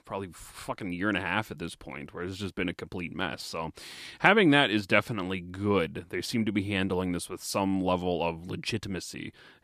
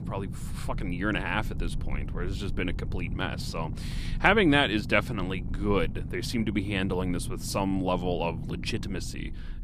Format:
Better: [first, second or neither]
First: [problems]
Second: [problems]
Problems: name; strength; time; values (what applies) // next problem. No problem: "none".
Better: first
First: none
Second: low rumble; noticeable; throughout; 20 dB below the speech